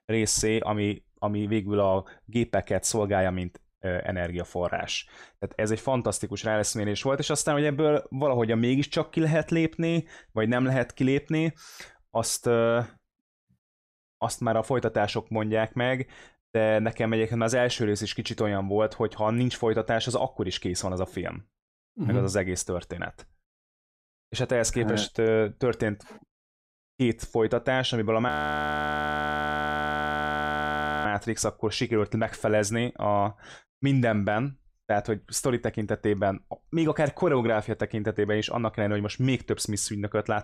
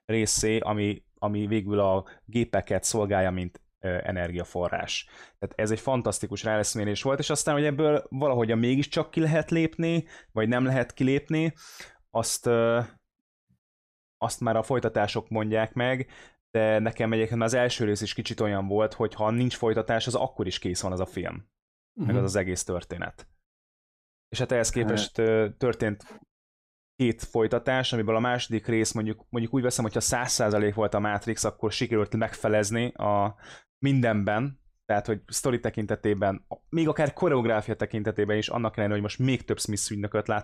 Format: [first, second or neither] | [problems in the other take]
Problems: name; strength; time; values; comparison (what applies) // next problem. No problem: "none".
second | audio freezing; at 28 s for 3 s